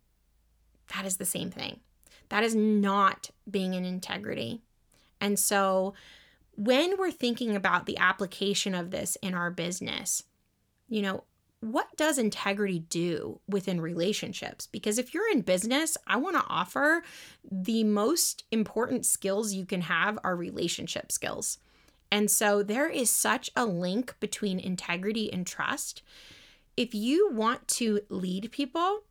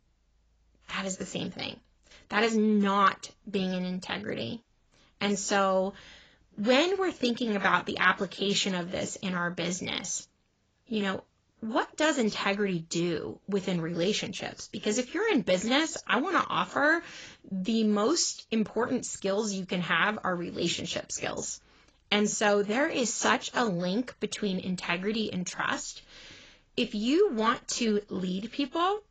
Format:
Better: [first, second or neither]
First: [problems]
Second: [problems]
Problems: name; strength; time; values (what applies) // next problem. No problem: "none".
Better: first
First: none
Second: garbled, watery; badly; nothing above 7.5 kHz